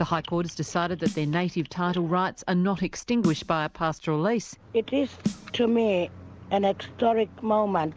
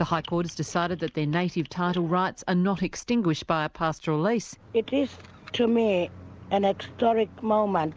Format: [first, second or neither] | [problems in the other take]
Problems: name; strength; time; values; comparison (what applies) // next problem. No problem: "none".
second | background sound (Snare drum); 12 dB below the speech